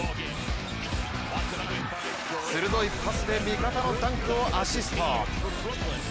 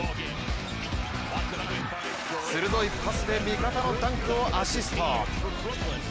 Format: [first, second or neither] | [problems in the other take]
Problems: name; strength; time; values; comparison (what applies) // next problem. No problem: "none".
second | background sound (Writing); 20 dB below the speech